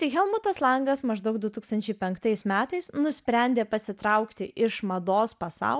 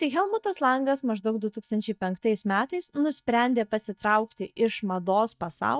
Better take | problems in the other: first | noise reduction (neural mask model DeepFilterNet 3)

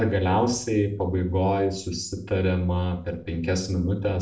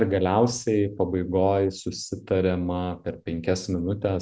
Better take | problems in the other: second | room echo; dies away in 0.3 s

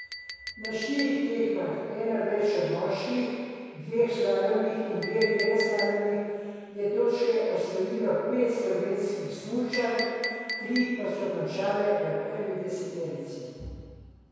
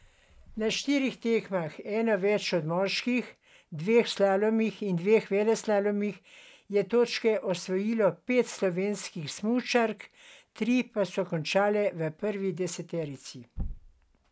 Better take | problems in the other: second | background sound (Chink, clink); 13 dB below the speech // room echo; dies away in 2.2 s

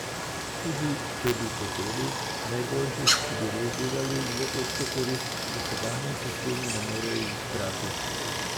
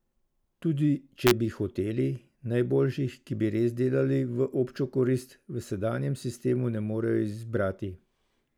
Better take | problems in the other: second | background sound (Stream); 2 dB above the speech

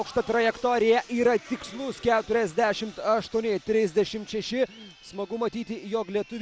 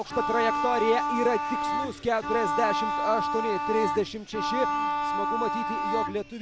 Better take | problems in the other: first | background sound (Bowed string instrument); 1 dB above the speech

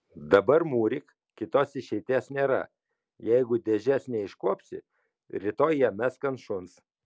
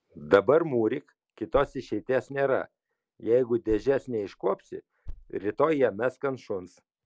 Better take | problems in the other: first | background sound (Thump, thud); 17 dB below the speech

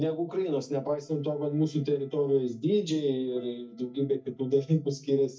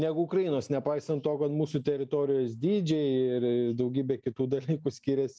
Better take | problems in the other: second | noise reduction (neural mask model DeepFilterNet 3)

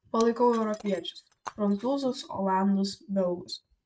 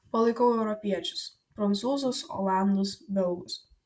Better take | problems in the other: second | noise reduction (neural mask model RNNoise)

